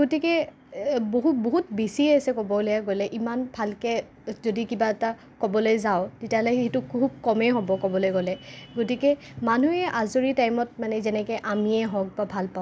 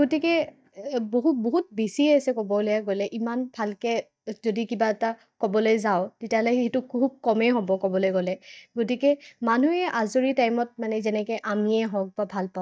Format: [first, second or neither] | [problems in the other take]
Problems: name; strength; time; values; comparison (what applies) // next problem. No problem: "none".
first | noise reduction (neural mask model DeepFilterNet 3)